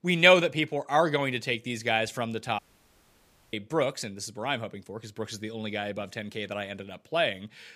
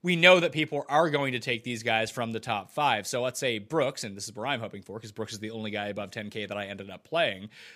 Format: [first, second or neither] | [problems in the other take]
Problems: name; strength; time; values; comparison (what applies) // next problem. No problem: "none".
second | audio cutting out; at 2.5 s for 1 s